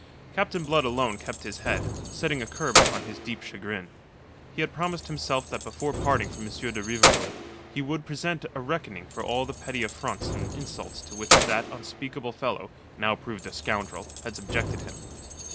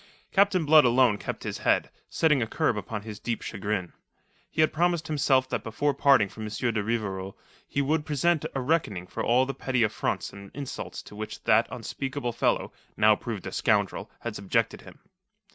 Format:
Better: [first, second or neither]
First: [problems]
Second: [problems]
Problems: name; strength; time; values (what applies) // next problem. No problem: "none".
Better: second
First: background sound (Keys jangling); 1 dB above the speech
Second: none